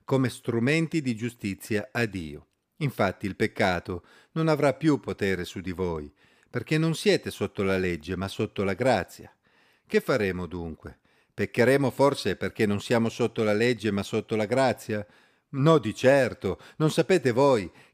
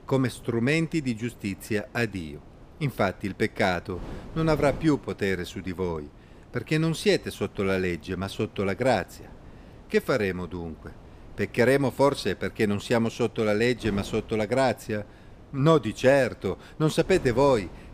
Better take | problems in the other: first | wind noise on the microphone; occasional gusts; 25 dB below the speech

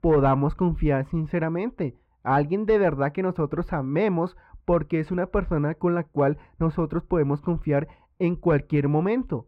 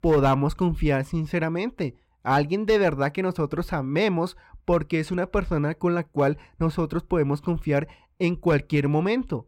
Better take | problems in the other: second | muffled; very; fading above 3 kHz

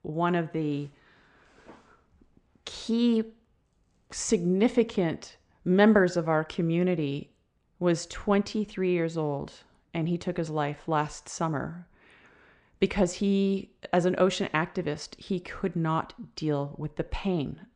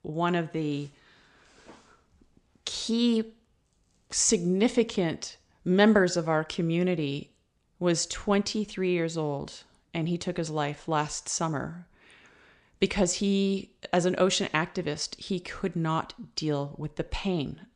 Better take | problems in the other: second | muffled; slightly; fading above 3 kHz

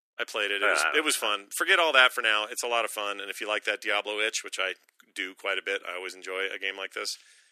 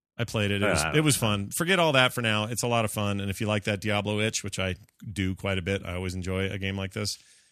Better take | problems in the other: second | thin; very; fading below 350 Hz

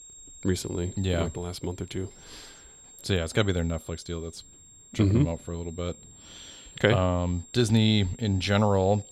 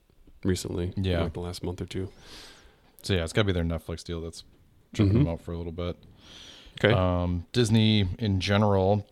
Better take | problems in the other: second | high-pitched whine; faint; throughout; 7.5 kHz, 20 dB below the speech

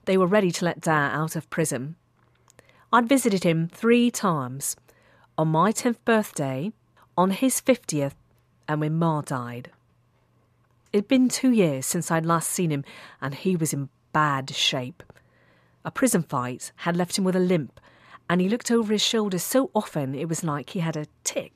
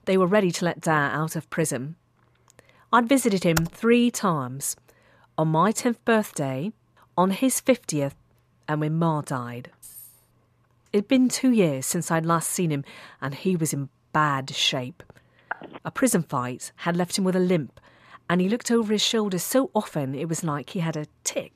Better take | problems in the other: first | keyboard typing; very faint; at 3.5 s; peak 6 dB below the speech // jangling keys; faint; at 10 s; peak 20 dB below the speech // phone ringing; faint; at 16 s; peak 10 dB below the speech

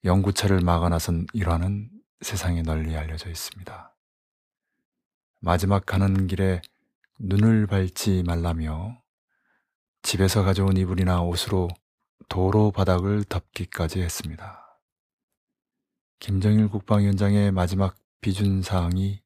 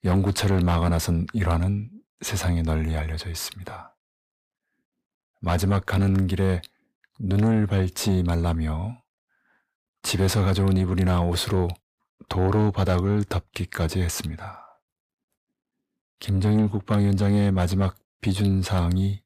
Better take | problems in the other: first | distortion; slight; 10 dB below the speech

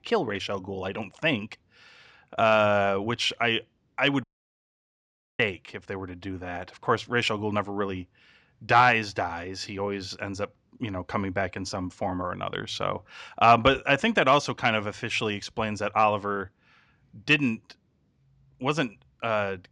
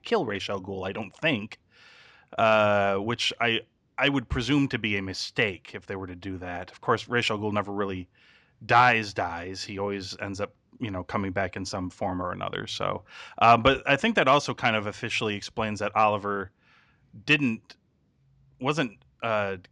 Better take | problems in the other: second | audio cutting out; at 4 s for 1 s

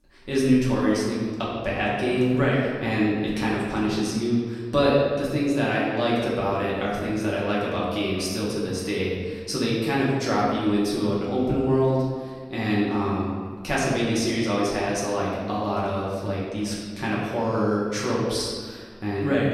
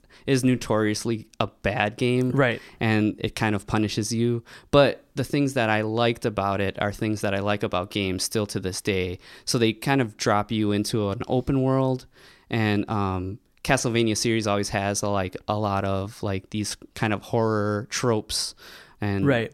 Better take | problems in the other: second | room echo; noticeable; dies away in 1.5 s // off-mic speech; far

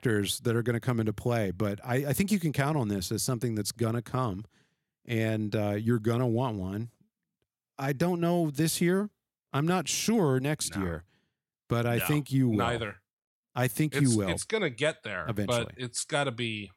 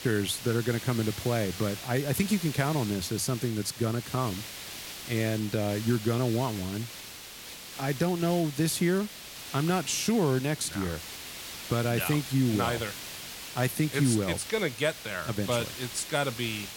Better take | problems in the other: first | hiss; noticeable; throughout; 10 dB below the speech

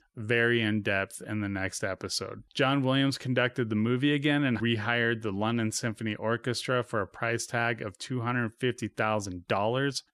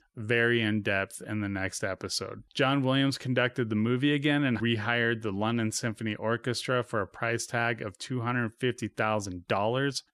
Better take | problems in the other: neither | none

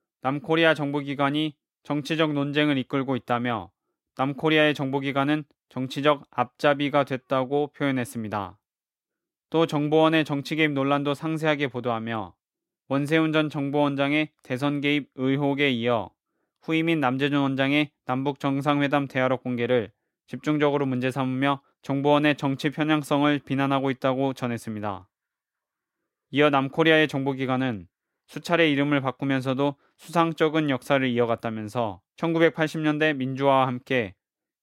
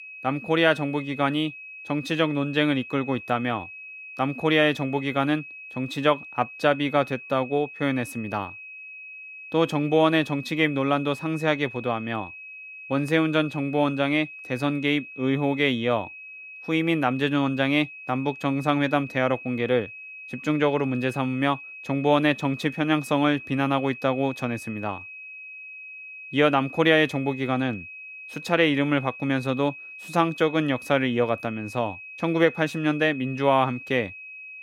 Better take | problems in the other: first | high-pitched whine; noticeable; throughout; 2.5 kHz, 15 dB below the speech

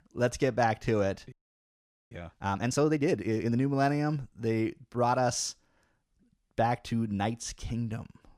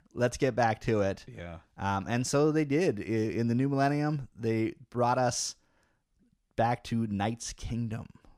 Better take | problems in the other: second | audio freezing; at 1.5 s for 1 s

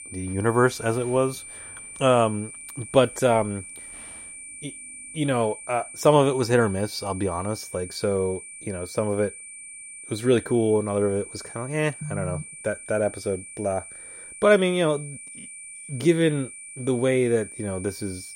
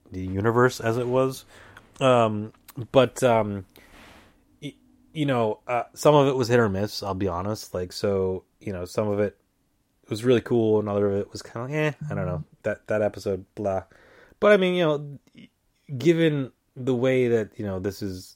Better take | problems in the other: second | high-pitched whine; noticeable; throughout; 9 kHz, 15 dB below the speech

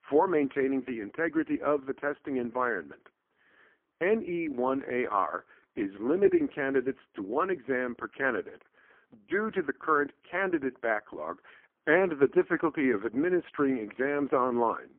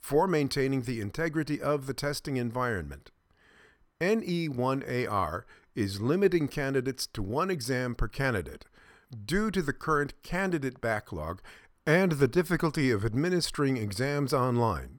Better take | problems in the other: second | phone-call audio; poor line; nothing above 3 kHz

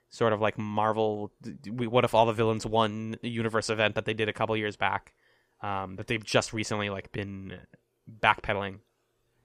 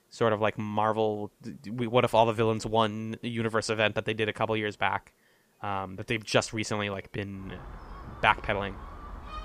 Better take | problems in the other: first | animal sounds; noticeable; throughout; 20 dB below the speech

